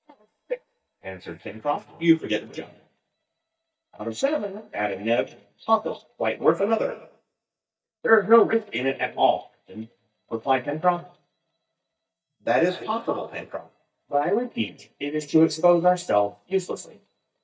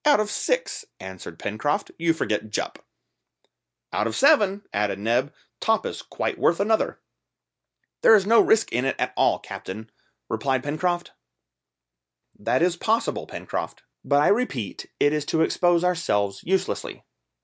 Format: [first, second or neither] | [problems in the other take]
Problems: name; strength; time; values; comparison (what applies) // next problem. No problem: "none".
second | noise reduction (neural mask model DeepFilterNet 3)